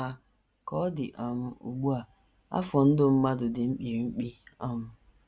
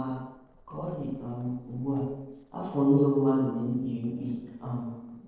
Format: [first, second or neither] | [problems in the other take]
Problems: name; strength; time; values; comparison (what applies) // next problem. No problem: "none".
first | noise reduction (neural separator model SepFormer DNS4)